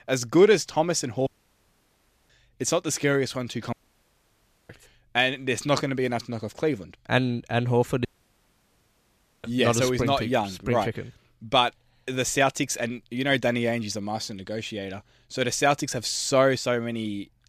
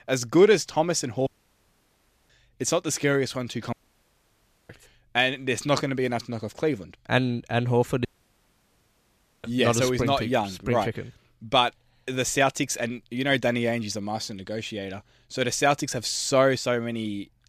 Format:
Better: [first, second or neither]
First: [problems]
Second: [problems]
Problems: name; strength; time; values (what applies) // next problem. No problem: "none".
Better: neither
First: audio cutting out; at 1.5 s for 1 s, at 3.5 s for 1 s and at 8 s for 1.5 s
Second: audio cutting out; at 1.5 s for 1 s, at 3.5 s for 1 s and at 8 s for 1.5 s